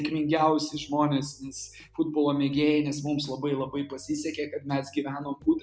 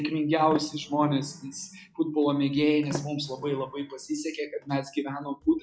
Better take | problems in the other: first | noise reduction (classical method log-MMSE)

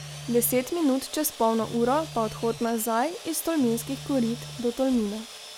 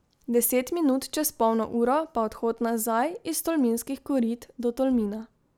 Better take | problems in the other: second | background sound (Sawing + Telephone); 14 dB below the speech

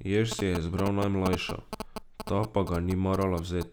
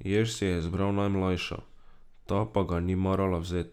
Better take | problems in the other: second | background sound (Telephone); 12 dB below the speech

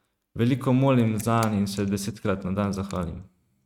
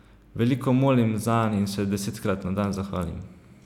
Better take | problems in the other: second | noise reduction (neural mask model RNNoise)

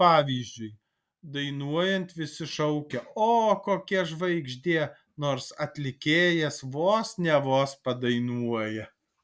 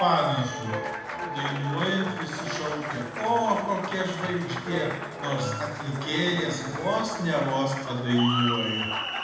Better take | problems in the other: first | background sound (Applause); 5 dB below the speech // room echo; dies away in 1 s

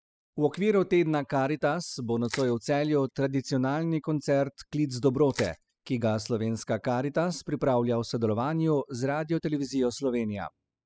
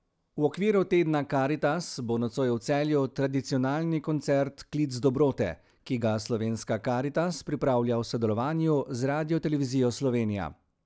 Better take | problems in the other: second | noise reduction (classical method spectral subtraction)

